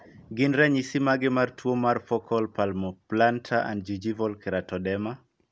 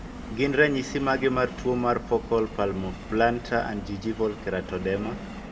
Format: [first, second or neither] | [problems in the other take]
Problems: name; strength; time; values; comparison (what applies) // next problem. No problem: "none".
first | background sound (Subway, metro, underground); 11 dB below the speech // room echo; dies away in 0.4 s